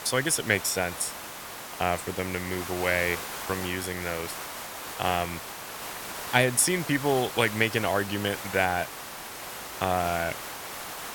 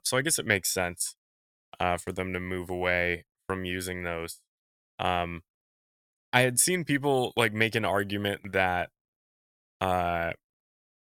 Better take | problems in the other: second | hiss; loud; throughout; 9 dB below the speech

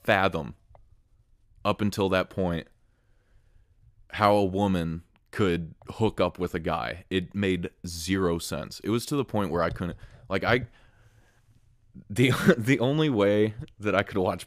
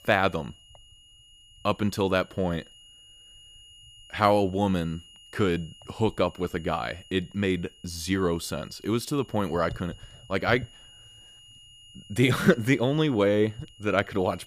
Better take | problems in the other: first | high-pitched whine; faint; throughout; 3 kHz, 25 dB below the speech

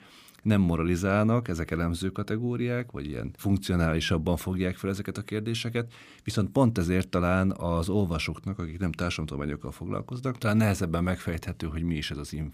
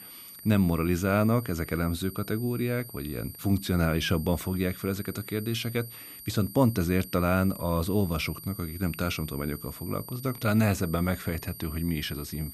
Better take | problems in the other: first | high-pitched whine; noticeable; throughout; 12 kHz, 15 dB below the speech

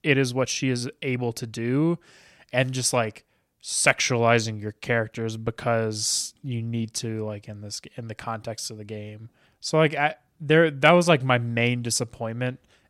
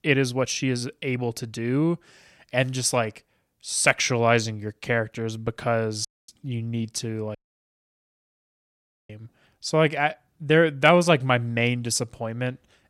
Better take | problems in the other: first | audio cutting out; at 6 s and at 7.5 s for 1.5 s

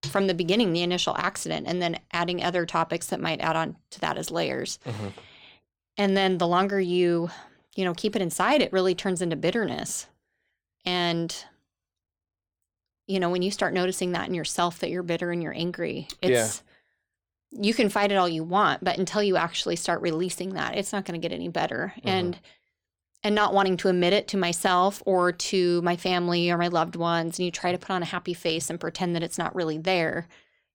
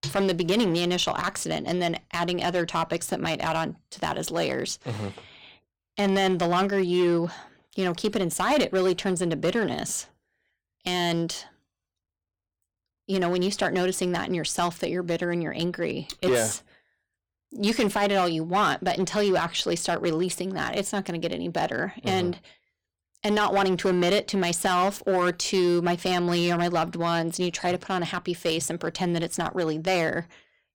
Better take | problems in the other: first | distortion; slight; 5% of the sound clipped

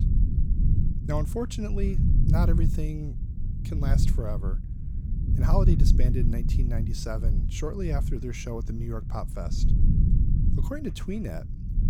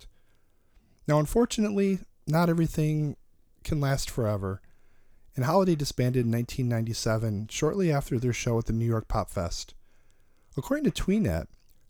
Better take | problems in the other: second | low rumble; loud; throughout; 5 dB below the speech

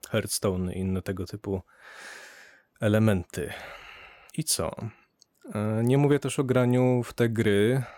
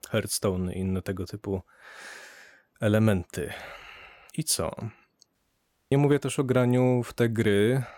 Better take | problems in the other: first | audio cutting out; at 5.5 s for 0.5 s

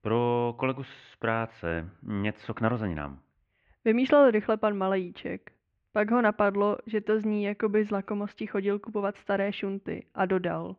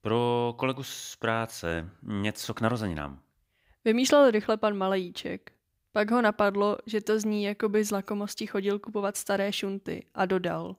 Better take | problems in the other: second | muffled; very; fading above 2.5 kHz

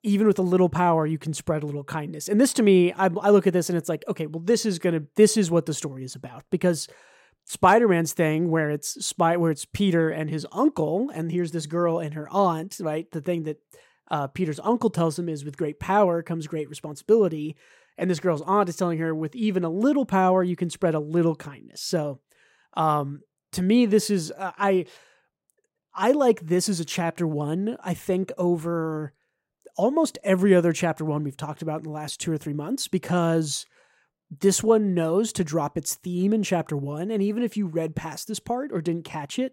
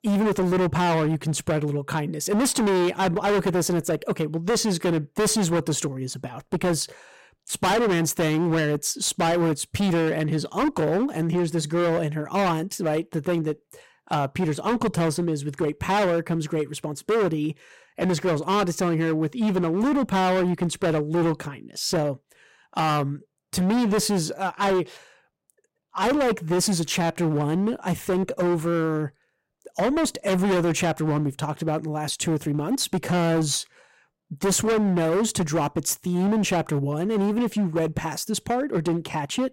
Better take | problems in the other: first | distortion; heavy; 20% of the sound clipped

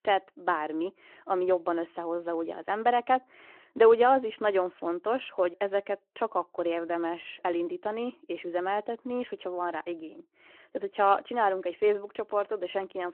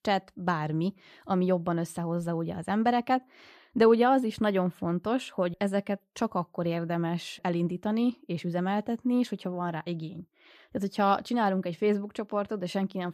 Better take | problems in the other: second | phone-call audio

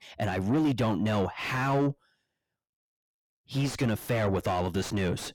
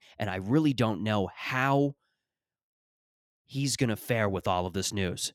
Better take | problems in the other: second | distortion; heavy; 6 dB below the speech

